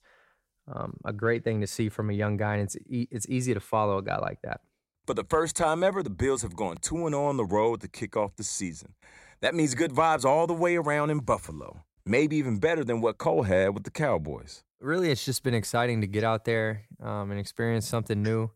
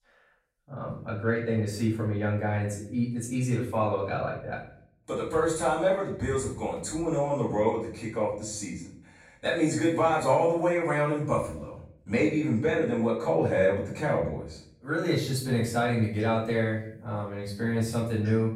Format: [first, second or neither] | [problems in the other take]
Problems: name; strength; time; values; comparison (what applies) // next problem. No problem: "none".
first | off-mic speech; far // room echo; noticeable; dies away in 0.5 s